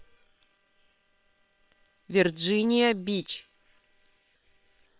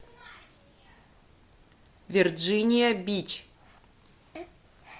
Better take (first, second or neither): second